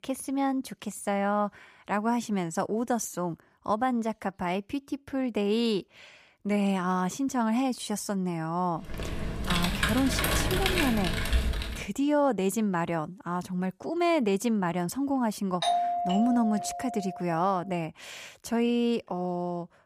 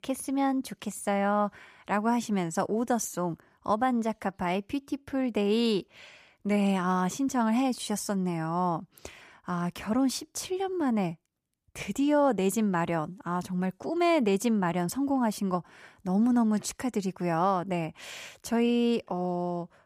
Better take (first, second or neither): second